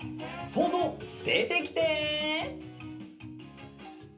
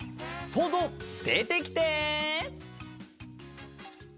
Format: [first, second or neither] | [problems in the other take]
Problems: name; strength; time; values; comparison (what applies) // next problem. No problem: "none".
second | room echo; dies away in 0.3 s